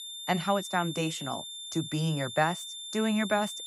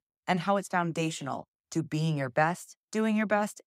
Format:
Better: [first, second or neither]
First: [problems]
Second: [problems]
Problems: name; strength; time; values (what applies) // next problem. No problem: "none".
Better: second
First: high-pitched whine; loud; throughout; 3.5 kHz, 8 dB below the speech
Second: none